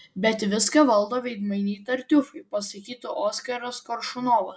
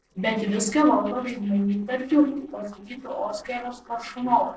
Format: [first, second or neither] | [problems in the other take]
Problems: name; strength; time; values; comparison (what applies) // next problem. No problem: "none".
first | noise reduction (neural separator model SepFormer DNS4)